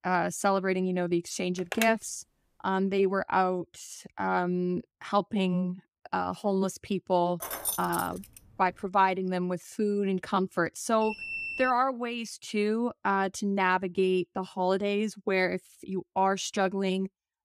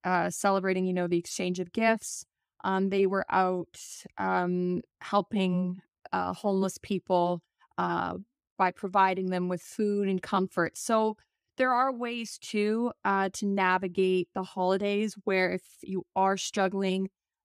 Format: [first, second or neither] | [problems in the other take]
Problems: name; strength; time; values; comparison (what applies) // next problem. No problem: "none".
second | phone ringing; noticeable; at 1.5 s; peak 5 dB below the speech // jangling keys; noticeable; at 7.5 s; peak 2 dB below the speech // alarm; noticeable; at 11 s; peak 4 dB below the speech